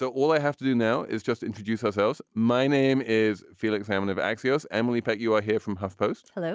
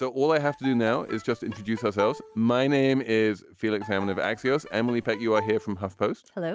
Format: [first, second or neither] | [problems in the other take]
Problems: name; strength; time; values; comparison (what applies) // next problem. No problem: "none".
first | background sound (Bowed string instrument); 15 dB below the speech